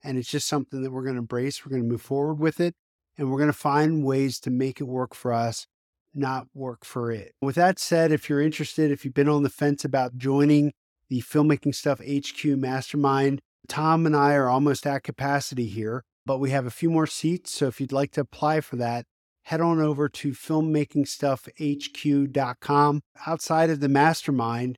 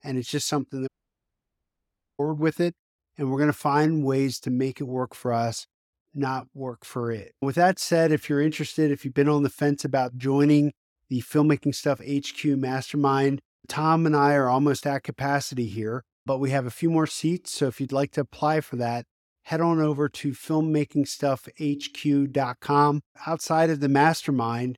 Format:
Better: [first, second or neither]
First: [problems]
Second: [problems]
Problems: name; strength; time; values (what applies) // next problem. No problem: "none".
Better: first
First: none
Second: audio cutting out; at 1 s for 1.5 s